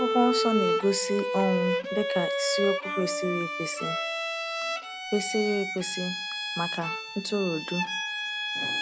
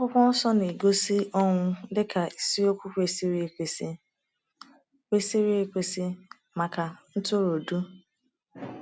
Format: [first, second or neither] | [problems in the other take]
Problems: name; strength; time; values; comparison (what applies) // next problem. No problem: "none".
second | background sound (Bowed string instrument); as loud as the speech